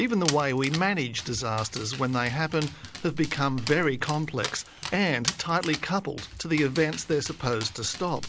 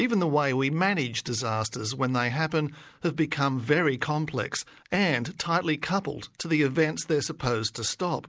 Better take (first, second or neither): second